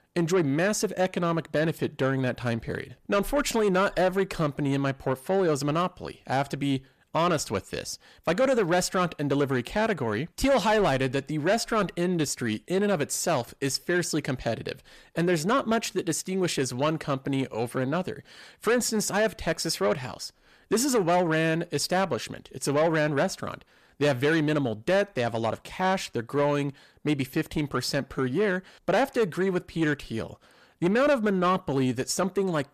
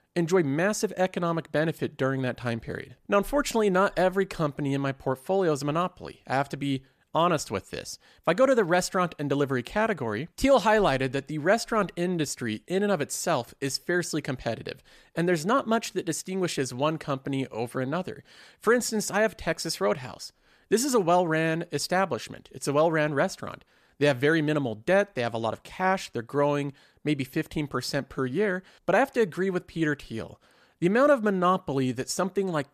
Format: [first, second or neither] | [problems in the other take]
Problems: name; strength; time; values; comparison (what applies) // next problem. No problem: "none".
second | distortion; slight; 10 dB below the speech